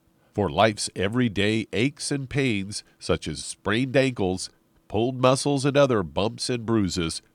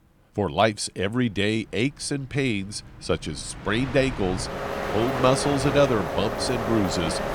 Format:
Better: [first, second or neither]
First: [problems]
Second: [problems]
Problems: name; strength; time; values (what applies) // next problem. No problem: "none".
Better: first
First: none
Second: train or aircraft noise; loud; throughout; 4 dB below the speech